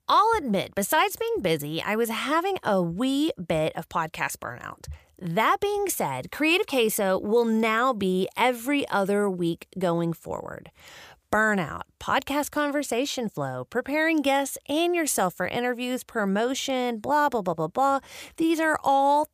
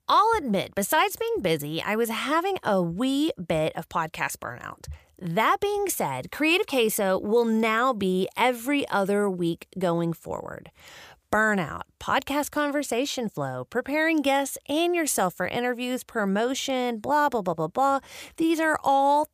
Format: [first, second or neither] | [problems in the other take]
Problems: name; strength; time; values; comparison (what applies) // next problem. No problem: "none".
neither | none